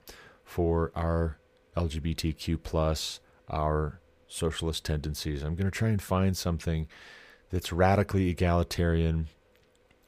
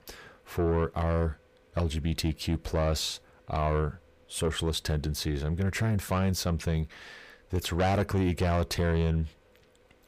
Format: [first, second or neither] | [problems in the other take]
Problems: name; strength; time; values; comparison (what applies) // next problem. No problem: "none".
first | distortion; slight; 10 dB below the speech